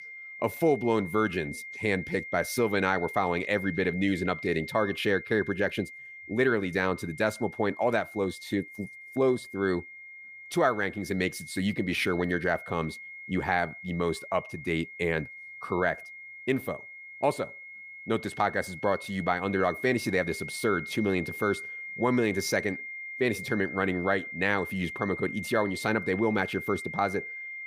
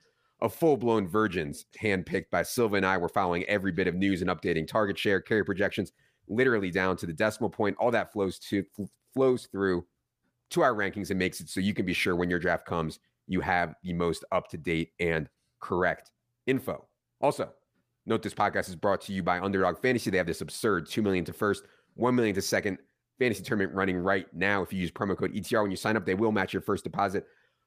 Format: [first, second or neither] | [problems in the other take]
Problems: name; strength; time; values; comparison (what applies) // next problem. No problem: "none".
second | high-pitched whine; noticeable; throughout; 2 kHz, 10 dB below the speech